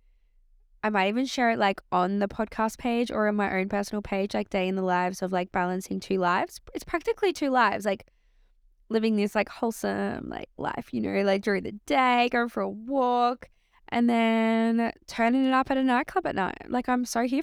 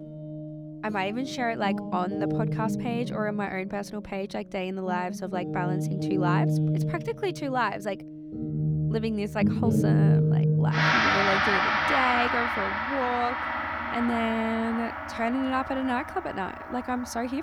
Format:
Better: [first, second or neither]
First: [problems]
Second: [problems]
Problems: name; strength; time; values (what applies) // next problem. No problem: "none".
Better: first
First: none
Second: background music; very loud; throughout; 4 dB above the speech